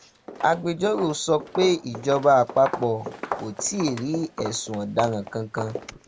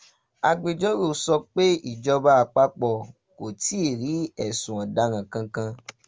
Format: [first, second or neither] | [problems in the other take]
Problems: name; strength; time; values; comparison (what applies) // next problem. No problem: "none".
second | background sound (Walk, footsteps); 12 dB below the speech